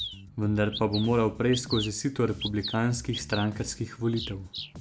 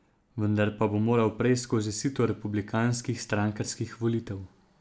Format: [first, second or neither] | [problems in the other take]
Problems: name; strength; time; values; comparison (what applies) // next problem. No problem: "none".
second | background sound (Bird vocalization, bird call, bird song + Bass guitar); 11 dB below the speech